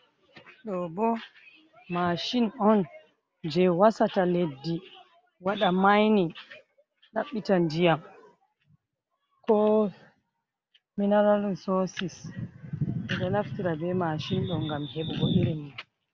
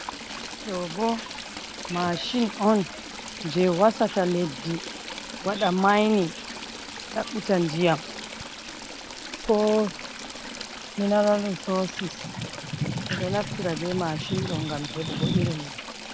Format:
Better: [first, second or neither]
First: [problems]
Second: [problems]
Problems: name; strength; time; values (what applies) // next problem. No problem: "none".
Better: first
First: none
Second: background sound (Stream / Trickle, dribble); 11 dB below the speech